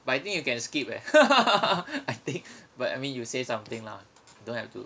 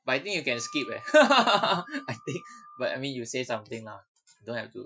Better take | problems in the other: first | noise reduction (classical method Wiener filter)

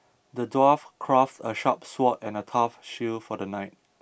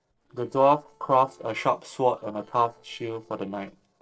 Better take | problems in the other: first | noise reduction (neural separator model SepFormer DNS4)

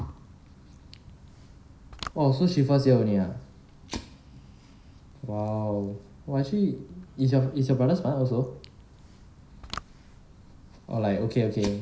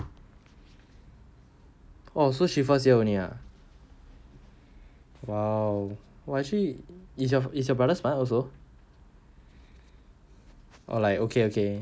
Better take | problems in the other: second | background sound (Fire); 18 dB below the speech // room echo; dies away in 0.5 s

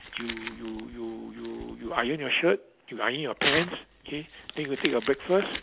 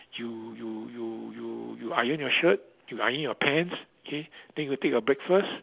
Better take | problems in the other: second | background sound (Crumpling, crinkling / Tearing); 8 dB below the speech

